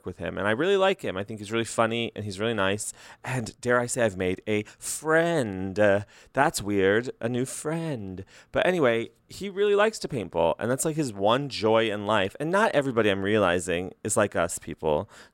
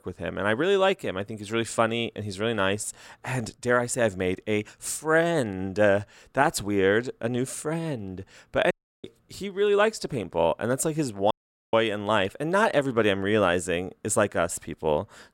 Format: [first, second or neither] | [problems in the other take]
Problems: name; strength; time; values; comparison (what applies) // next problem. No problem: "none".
first | audio cutting out; at 8.5 s and at 11 s